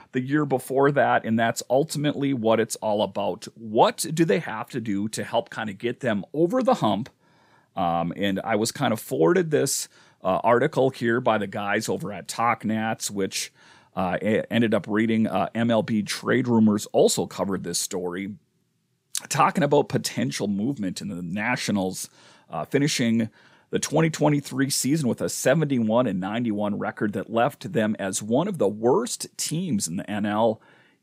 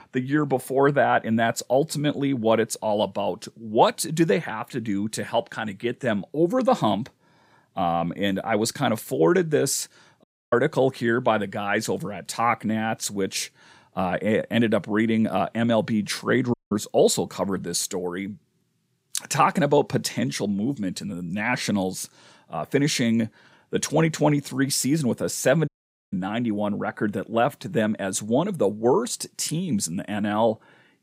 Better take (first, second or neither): first